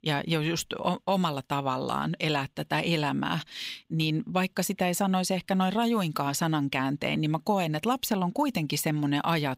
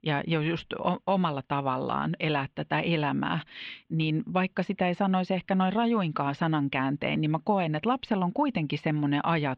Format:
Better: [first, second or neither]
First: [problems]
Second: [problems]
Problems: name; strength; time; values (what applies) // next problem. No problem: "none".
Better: first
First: none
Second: muffled; very; fading above 3 kHz